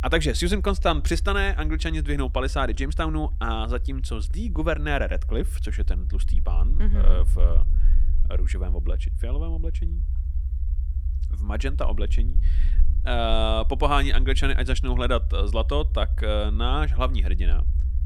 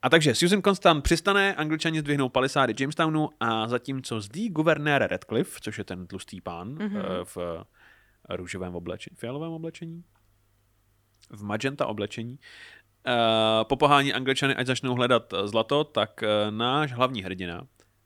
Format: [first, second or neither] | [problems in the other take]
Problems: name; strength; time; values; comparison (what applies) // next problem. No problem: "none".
second | low rumble; faint; throughout; 20 dB below the speech